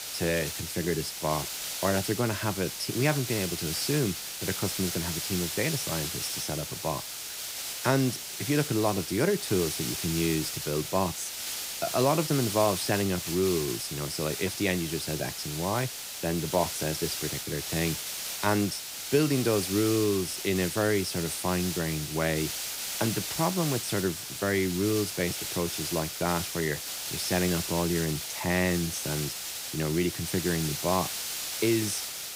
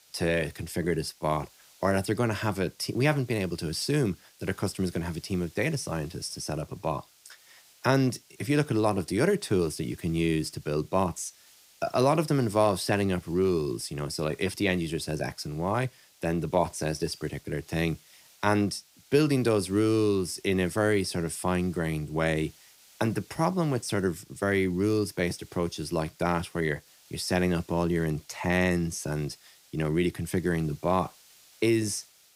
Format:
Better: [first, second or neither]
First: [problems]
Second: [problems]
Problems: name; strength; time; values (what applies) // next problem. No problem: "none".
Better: second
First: hiss; loud; throughout; 3 dB below the speech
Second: hiss; faint; throughout; 25 dB below the speech